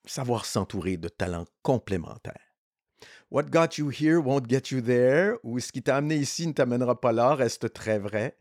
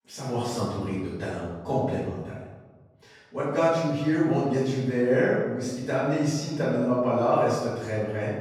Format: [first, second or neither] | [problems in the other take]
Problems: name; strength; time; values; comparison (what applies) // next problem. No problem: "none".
first | off-mic speech; far // room echo; strong; dies away in 1.1 s